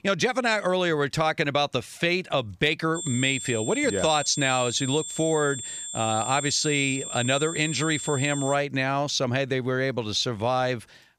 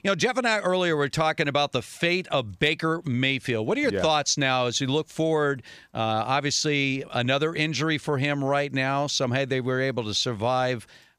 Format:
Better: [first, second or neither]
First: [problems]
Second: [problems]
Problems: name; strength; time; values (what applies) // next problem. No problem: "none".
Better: second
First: high-pitched whine; loud; from 3 to 8.5 s; 7.5 kHz, 7 dB below the speech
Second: none